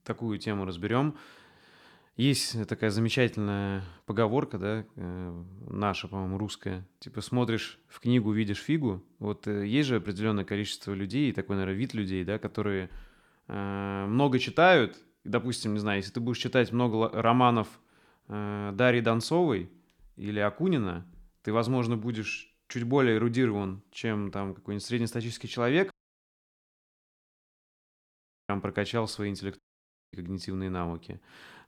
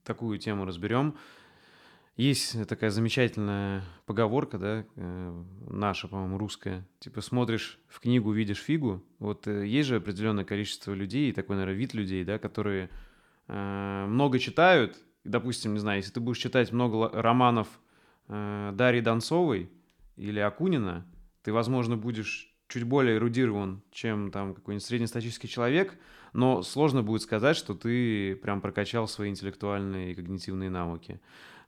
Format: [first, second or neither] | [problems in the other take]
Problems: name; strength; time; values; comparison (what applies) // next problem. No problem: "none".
second | audio cutting out; at 26 s for 2.5 s and at 30 s for 0.5 s